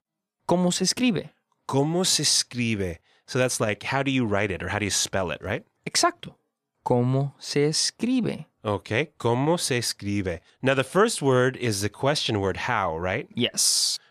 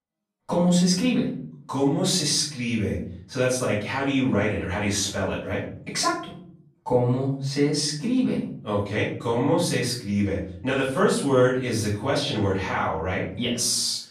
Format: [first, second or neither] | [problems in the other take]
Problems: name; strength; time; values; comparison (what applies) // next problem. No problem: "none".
first | off-mic speech; far // room echo; noticeable; dies away in 0.6 s